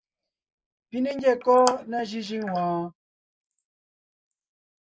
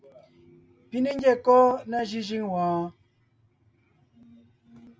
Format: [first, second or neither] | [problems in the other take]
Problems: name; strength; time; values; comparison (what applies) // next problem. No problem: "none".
second | noise reduction (neural mask model Resemble Enhance denoiser)